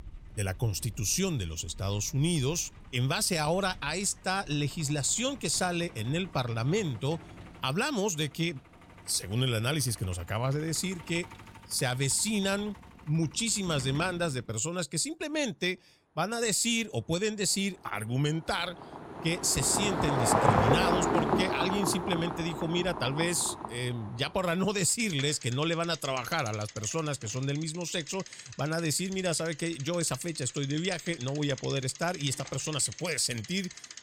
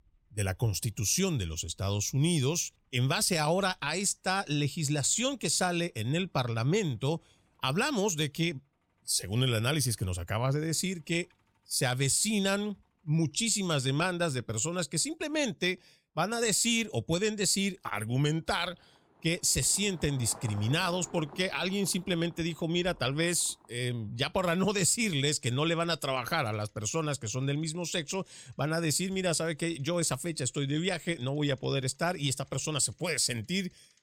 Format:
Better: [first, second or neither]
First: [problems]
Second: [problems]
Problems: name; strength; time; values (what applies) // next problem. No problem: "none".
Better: second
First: traffic noise; loud; throughout; 5 dB below the speech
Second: traffic noise; faint; throughout; 25 dB below the speech